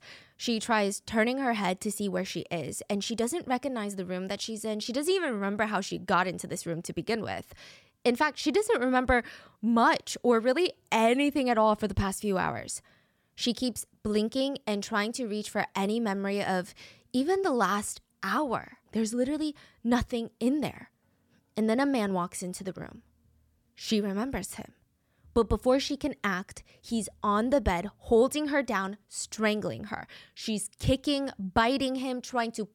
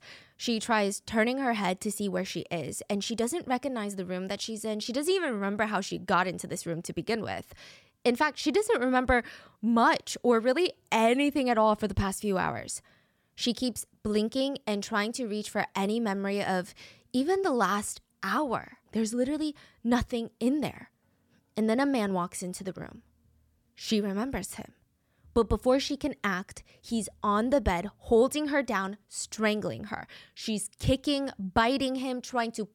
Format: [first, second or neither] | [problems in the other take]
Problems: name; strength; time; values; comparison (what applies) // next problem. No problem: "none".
neither | none